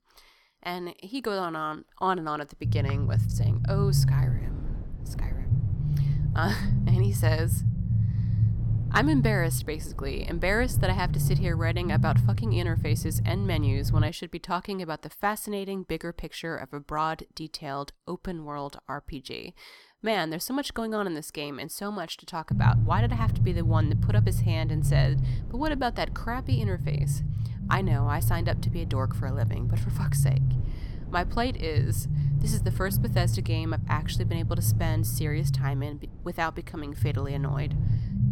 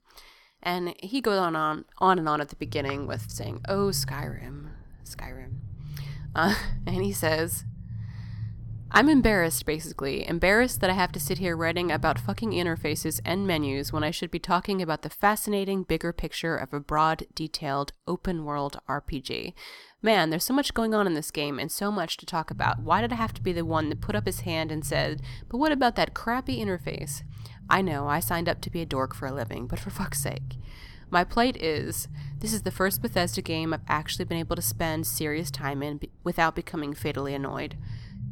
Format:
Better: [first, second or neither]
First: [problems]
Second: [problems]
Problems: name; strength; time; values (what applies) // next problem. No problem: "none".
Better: second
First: low rumble; loud; from 2.5 to 14 s and from 23 s on; 8 dB below the speech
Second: low rumble; faint; from 2.5 to 14 s and from 23 s on; 25 dB below the speech